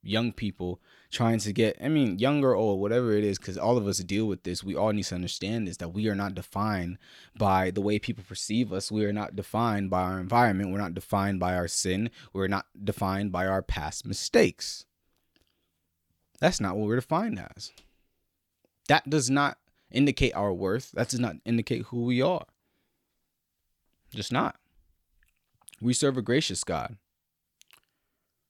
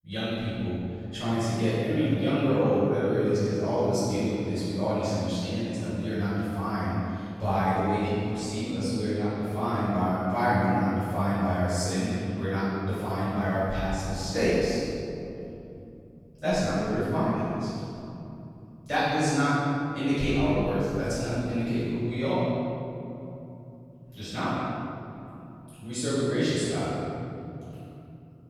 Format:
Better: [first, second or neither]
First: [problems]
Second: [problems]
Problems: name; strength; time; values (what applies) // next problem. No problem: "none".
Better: first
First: none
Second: off-mic speech; far // room echo; strong; dies away in 3 s